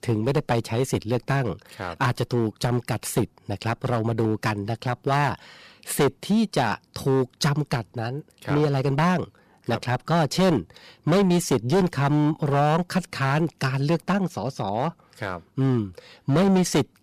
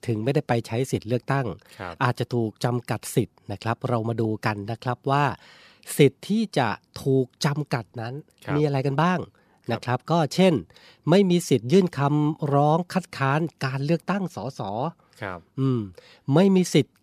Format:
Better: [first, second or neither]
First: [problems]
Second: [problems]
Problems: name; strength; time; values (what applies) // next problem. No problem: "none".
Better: second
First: distortion; heavy; 8% of the sound clipped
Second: none